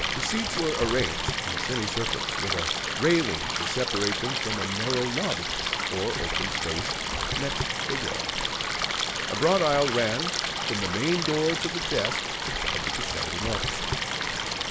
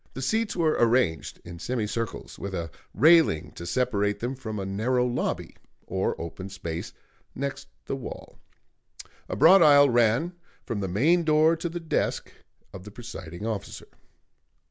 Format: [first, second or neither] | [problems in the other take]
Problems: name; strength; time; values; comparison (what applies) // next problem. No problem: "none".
second | background sound (Stream); 1 dB above the speech